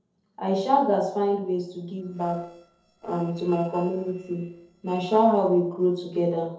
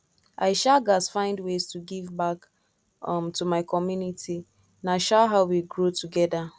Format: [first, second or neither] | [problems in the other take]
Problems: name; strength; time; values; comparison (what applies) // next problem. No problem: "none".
second | noise reduction (neural separator model SepFormer DNS4)